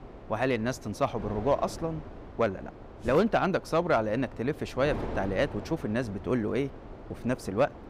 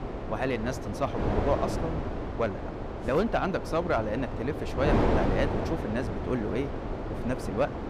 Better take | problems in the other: first | wind noise on the microphone; heavy; 3 dB below the speech; occasional gusts in the first

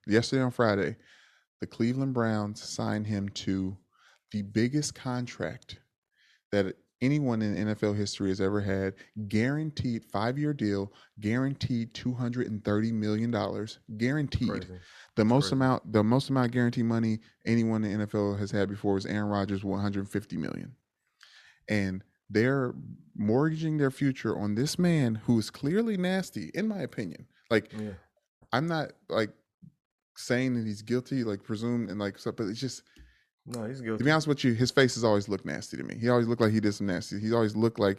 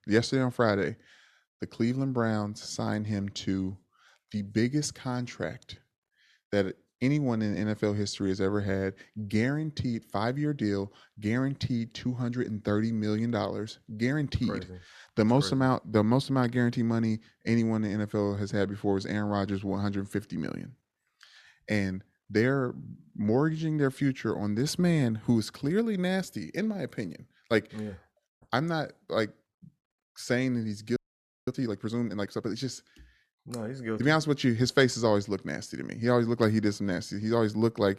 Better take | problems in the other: first | audio freezing; at 31 s for 0.5 s

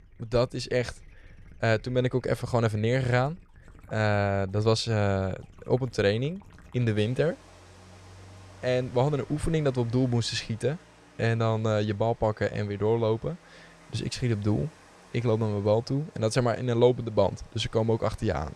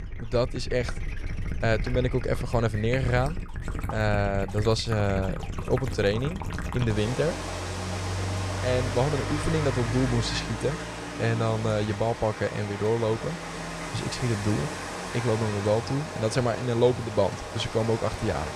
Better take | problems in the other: first | rain or running water; loud; throughout; 6 dB below the speech; faint in the first

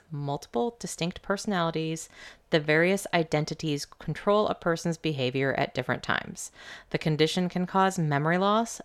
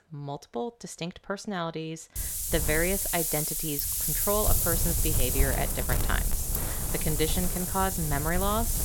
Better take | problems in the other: first | wind noise on the microphone; heavy; from 2 s on; 1 dB below the speech

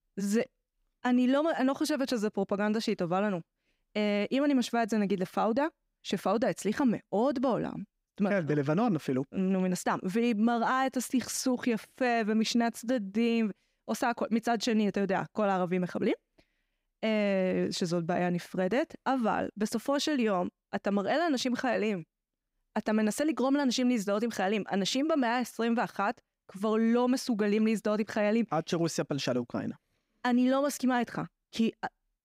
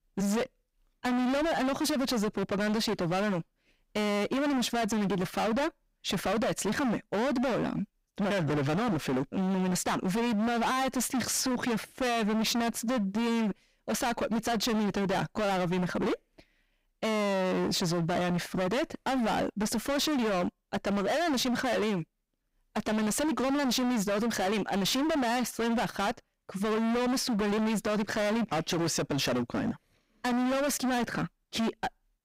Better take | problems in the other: first | distortion; heavy; 37% of the sound clipped

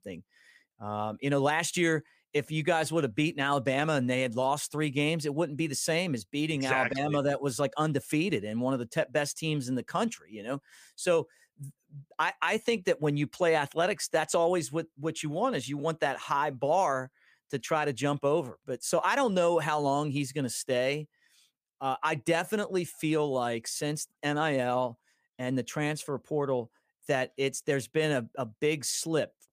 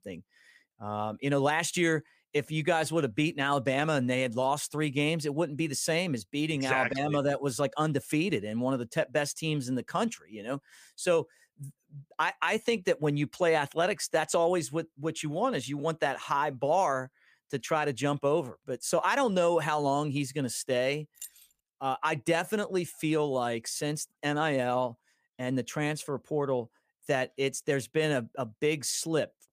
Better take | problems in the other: first | jangling keys; faint; at 21 s; peak 15 dB below the speech

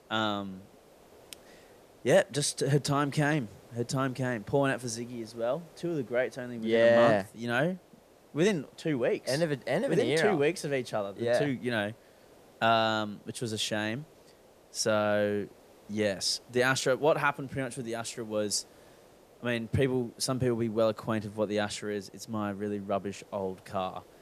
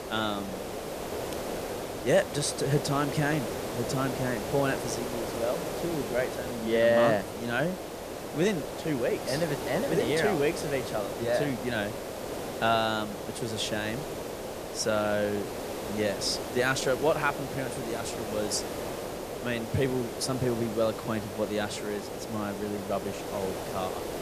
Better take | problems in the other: first | hiss; loud; throughout; 6 dB below the speech; faint in the first

